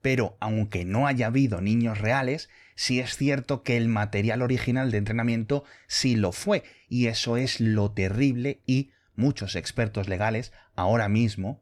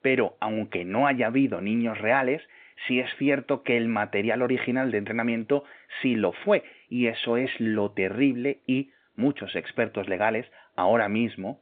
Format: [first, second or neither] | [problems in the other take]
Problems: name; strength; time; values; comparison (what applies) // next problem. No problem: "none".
first | phone-call audio